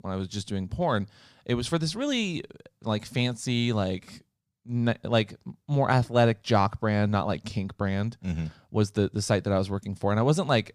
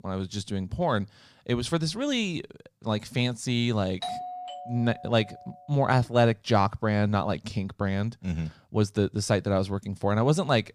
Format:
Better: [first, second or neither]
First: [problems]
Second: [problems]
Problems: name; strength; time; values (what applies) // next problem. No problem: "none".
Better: first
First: none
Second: doorbell; noticeable; from 4 to 5.5 s; peak 7 dB below the speech